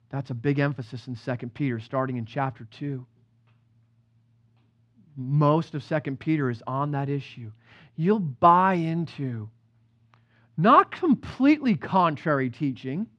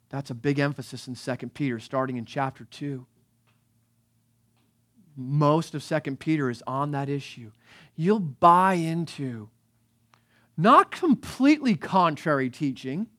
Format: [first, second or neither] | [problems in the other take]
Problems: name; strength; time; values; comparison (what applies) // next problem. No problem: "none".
second | muffled; very slightly; fading above 3.5 kHz